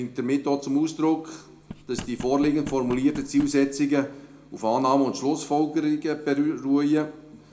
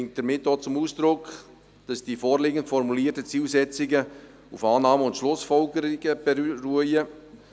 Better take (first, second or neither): second